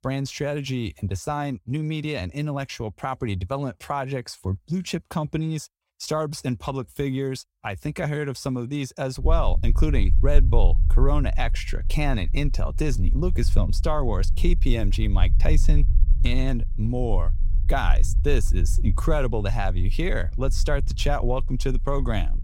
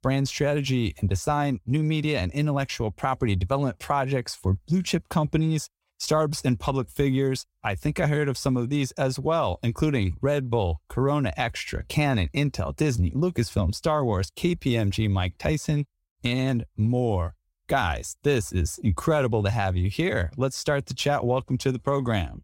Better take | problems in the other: second | low rumble; noticeable; from 9 s on; 15 dB below the speech

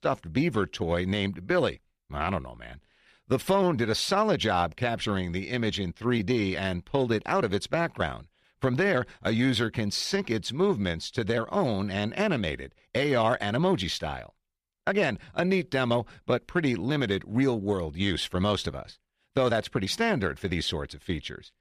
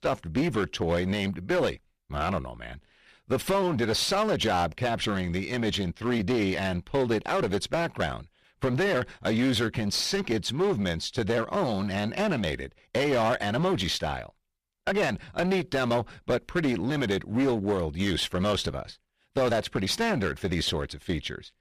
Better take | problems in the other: first | distortion; heavy; 11% of the sound clipped

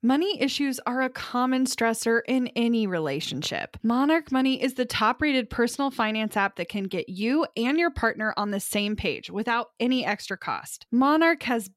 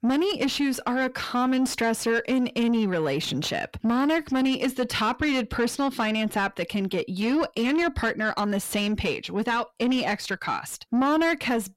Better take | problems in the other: first | distortion; slight; 10 dB below the speech

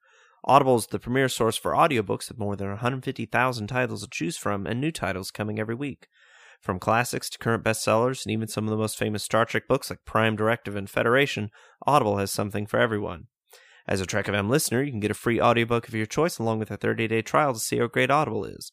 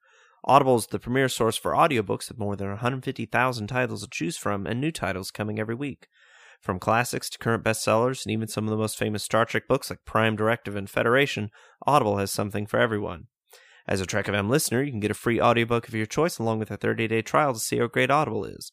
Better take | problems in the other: neither | none

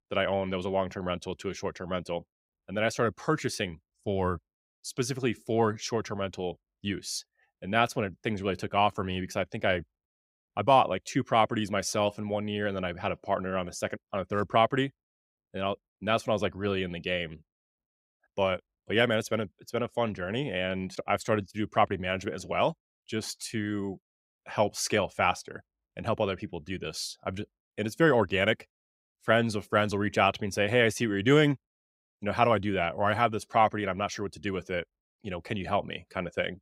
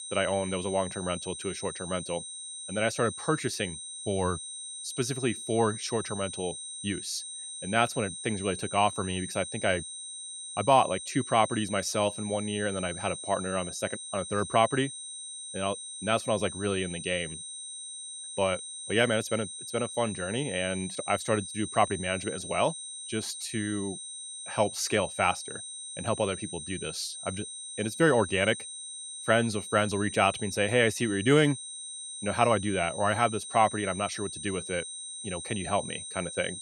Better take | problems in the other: first | high-pitched whine; loud; throughout; 8.5 kHz, 8 dB below the speech

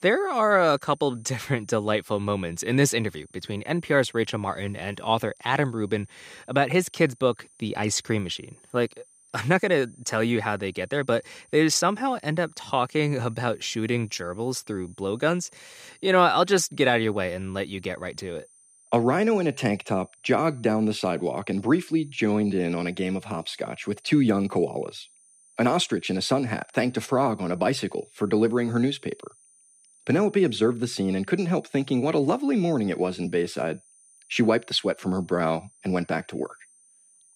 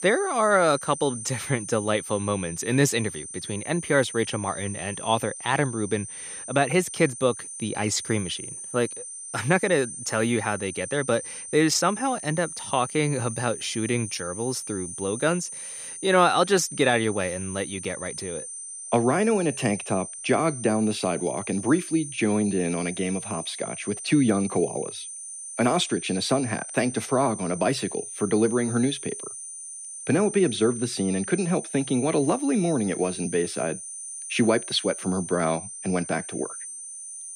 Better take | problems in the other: first | high-pitched whine; loud; throughout; 9 kHz, 9 dB below the speech; faint in the first

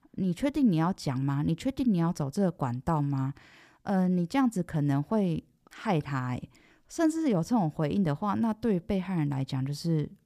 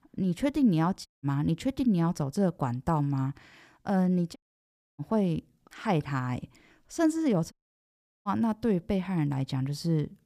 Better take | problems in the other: first | audio cutting out; at 1 s, at 4.5 s for 0.5 s and at 7.5 s for 0.5 s

